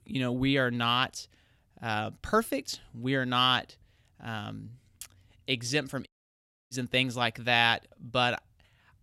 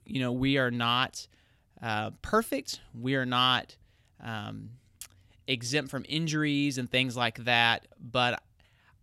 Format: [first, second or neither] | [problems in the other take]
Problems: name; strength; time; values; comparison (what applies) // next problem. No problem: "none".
second | audio cutting out; at 6 s for 0.5 s